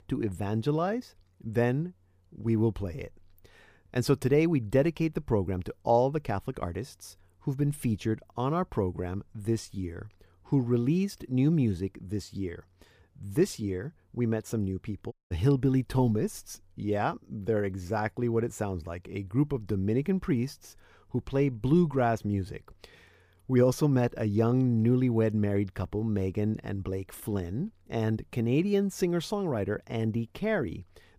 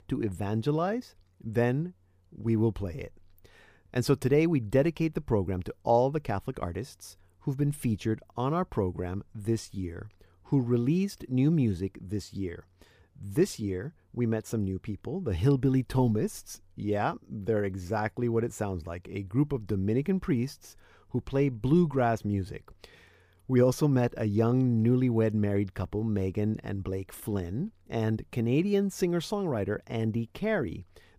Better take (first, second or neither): second